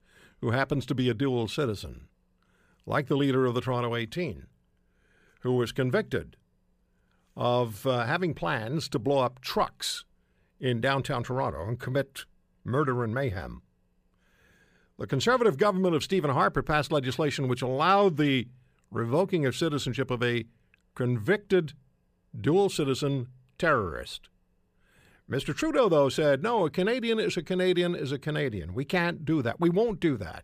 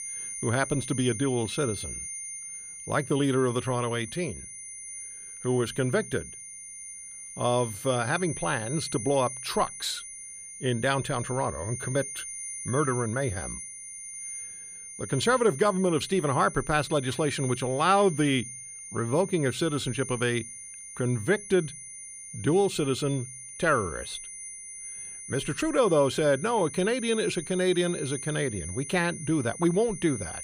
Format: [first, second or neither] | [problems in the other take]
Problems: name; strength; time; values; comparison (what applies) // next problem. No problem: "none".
first | high-pitched whine; loud; throughout; 9.5 kHz, 10 dB below the speech